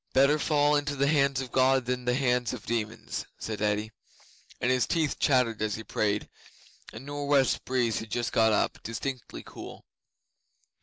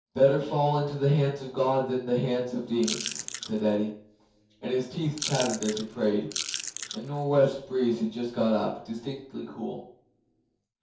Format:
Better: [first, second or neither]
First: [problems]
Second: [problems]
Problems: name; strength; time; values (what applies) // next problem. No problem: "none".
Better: first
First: none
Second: background sound (Chewing, mastication / Crushing); 8 dB below the speech // room echo; dies away in 0.6 s